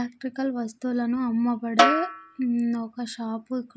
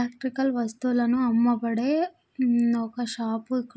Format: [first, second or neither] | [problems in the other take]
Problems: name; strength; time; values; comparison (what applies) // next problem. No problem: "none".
second | background sound (Snare drum); 1 dB above the speech